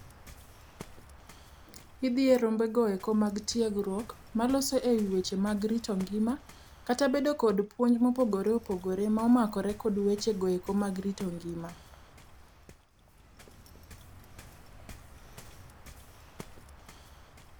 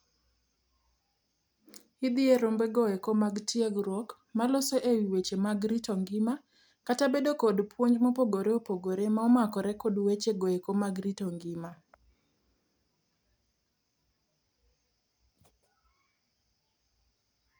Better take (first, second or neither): second